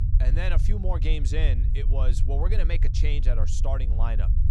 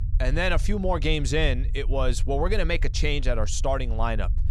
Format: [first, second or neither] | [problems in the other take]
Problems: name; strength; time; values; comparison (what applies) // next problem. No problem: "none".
second | low rumble; loud; throughout; 8 dB below the speech; faint in the second